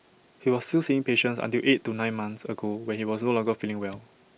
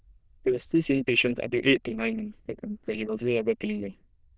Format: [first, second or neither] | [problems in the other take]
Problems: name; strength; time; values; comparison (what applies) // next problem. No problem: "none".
first | noise reduction (neural diffusion model UNIVERSE++)